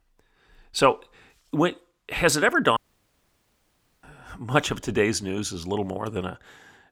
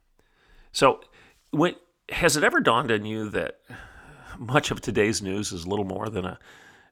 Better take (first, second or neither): second